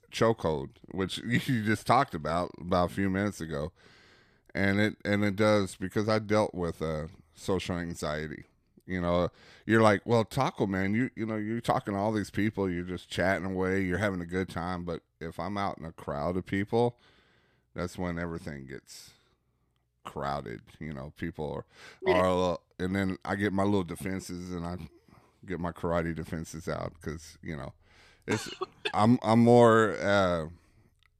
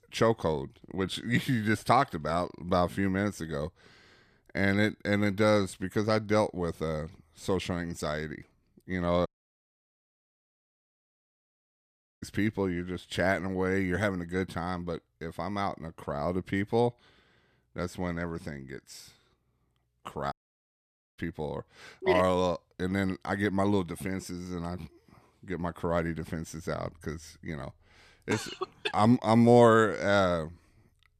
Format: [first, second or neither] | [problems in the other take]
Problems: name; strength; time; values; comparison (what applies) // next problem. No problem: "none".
first | audio cutting out; at 9.5 s for 3 s and at 20 s for 1 s